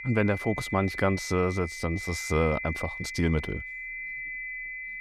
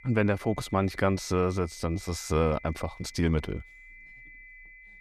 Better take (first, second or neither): second